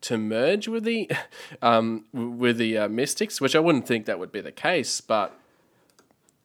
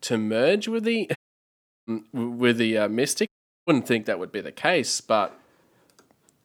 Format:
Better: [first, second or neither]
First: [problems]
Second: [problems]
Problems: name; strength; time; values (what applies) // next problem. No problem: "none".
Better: first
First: none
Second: audio cutting out; at 1 s for 0.5 s and at 3.5 s